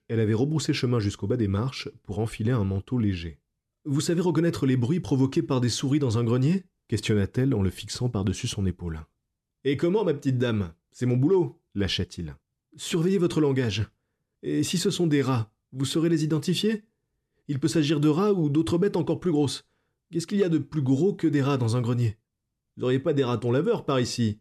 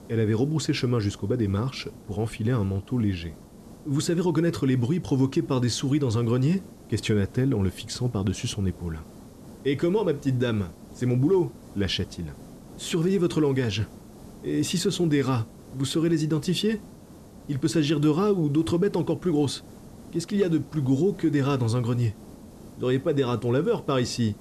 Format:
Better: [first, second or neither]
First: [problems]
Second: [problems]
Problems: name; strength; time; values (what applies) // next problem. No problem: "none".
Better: first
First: none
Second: hiss; faint; throughout; 20 dB below the speech